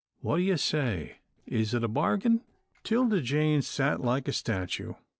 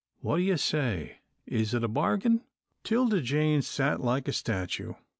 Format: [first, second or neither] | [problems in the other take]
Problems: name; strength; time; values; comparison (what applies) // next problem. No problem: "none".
second | noise reduction (neural separator model SepFormer DNS4)